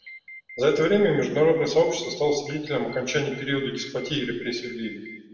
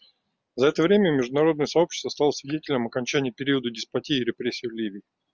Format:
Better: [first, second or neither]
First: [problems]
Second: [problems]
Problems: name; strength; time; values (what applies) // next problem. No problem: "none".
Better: second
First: background sound (Alarm); 19 dB below the speech // room echo; dies away in 1.1 s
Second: none